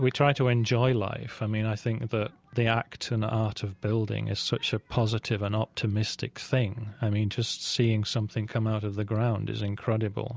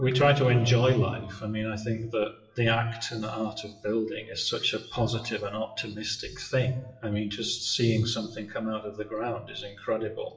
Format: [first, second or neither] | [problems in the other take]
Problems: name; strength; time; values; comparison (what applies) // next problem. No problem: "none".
first | noise reduction (classical method WPE with log-MMSE)